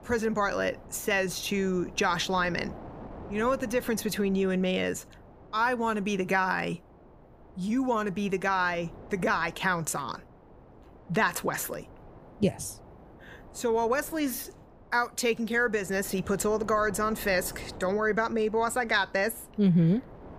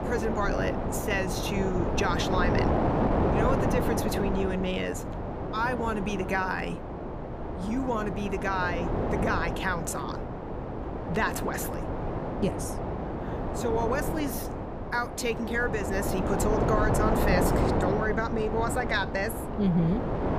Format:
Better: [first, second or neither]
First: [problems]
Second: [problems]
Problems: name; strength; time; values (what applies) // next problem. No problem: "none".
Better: first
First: wind noise on the microphone; occasional gusts; 20 dB below the speech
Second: wind noise on the microphone; heavy; 2 dB below the speech